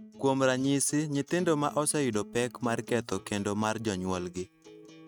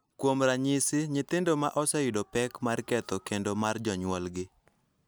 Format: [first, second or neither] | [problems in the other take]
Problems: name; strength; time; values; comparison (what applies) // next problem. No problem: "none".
second | noise reduction (neural mask model RNNoise)